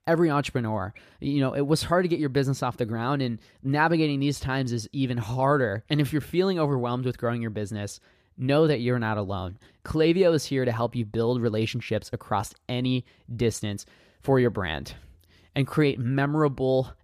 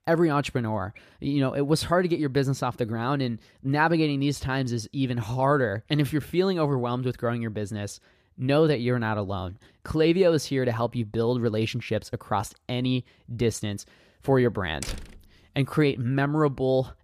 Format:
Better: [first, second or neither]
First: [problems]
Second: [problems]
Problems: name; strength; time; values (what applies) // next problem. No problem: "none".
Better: first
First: none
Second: door banging; faint; at 15 s; peak 10 dB below the speech